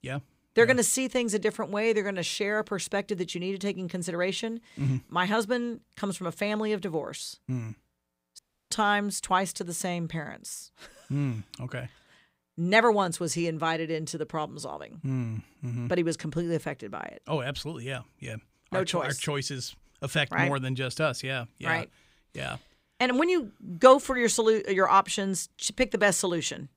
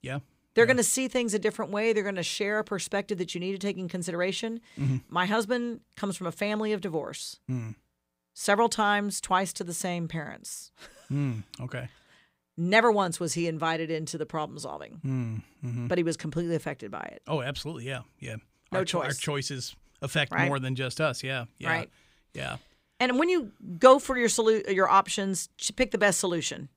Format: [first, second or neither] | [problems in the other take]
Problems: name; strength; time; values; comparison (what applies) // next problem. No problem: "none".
second | audio cutting out; at 8.5 s